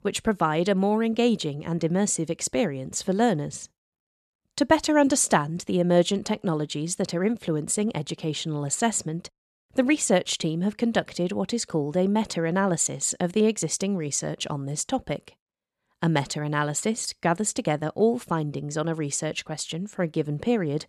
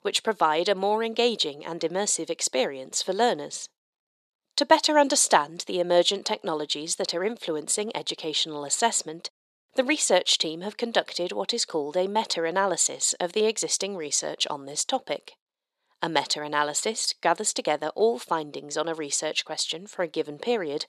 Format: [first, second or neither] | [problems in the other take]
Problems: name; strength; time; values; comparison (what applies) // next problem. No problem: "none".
first | thin; somewhat; fading below 450 Hz